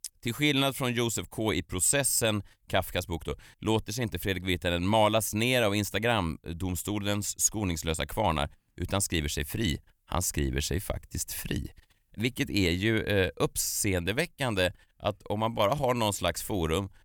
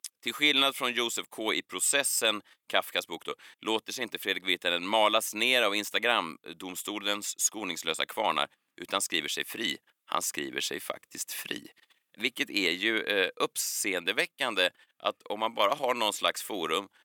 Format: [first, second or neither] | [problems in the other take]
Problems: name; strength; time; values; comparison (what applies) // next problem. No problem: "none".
first | thin; somewhat; fading below 300 Hz